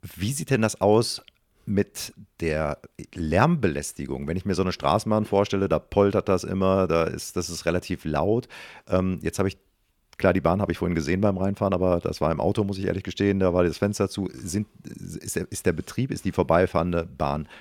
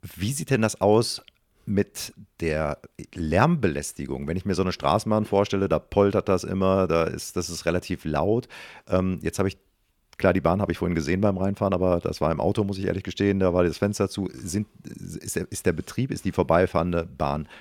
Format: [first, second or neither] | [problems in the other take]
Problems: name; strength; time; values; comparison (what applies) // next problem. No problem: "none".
neither | none